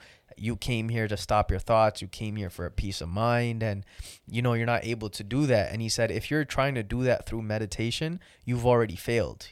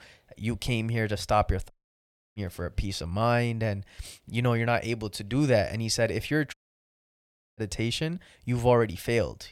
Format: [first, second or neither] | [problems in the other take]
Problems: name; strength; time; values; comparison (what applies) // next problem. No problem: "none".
first | audio cutting out; at 1.5 s for 0.5 s and at 6.5 s for 1 s